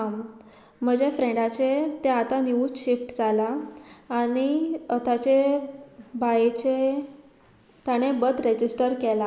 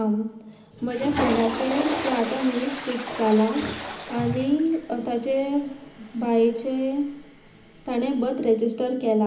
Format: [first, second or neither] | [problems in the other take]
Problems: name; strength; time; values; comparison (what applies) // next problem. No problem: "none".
first | background sound (Toilet flush / Water); 9 dB below the speech // room echo; dies away in 0.4 s